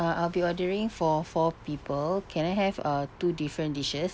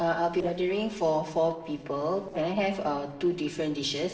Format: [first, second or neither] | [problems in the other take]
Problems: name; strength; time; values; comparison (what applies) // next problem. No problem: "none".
first | noise reduction (neural separator model SepFormer DNS4)